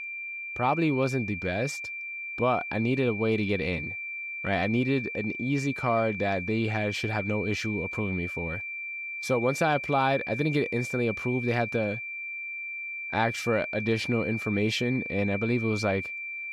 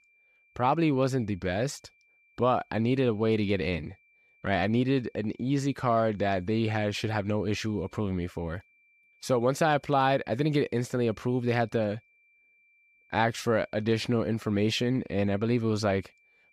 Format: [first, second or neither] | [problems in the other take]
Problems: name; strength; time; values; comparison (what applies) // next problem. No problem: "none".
second | high-pitched whine; loud; throughout; 2.5 kHz, 5 dB below the speech; faint in the second